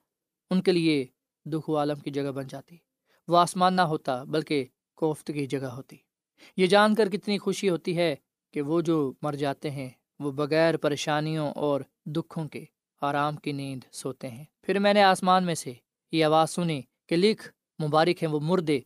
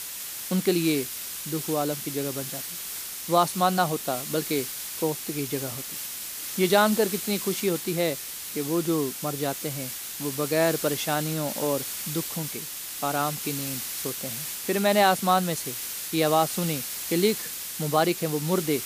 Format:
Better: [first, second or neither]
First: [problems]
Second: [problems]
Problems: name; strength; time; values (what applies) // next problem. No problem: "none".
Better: first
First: none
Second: hiss; loud; throughout; 5 dB below the speech